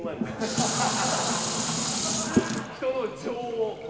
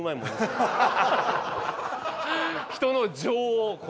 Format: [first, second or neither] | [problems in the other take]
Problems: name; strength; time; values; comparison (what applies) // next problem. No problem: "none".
second | background sound (Dishes, pots, and pans); 1 dB above the speech // room echo; dies away in 2.4 s